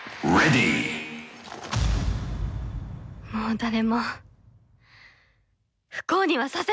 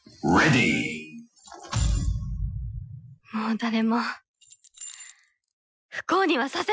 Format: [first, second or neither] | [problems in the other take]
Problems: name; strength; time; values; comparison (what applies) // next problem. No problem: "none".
first | noise reduction (classical method Wiener filter)